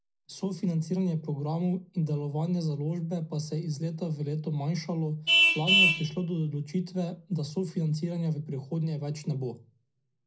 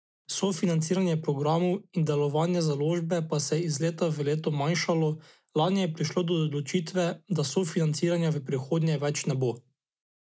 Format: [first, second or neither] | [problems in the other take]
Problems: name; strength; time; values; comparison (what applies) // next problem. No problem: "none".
second | background sound (Vehicle horn, car horn, honking); 2 dB below the speech // room echo; dies away in 0.4 s